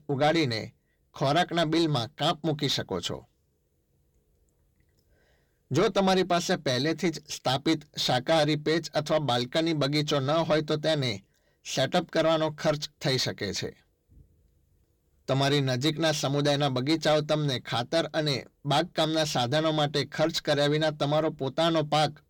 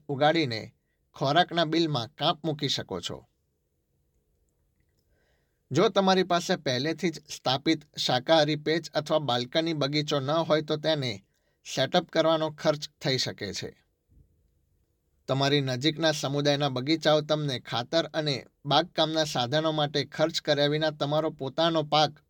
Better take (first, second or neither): second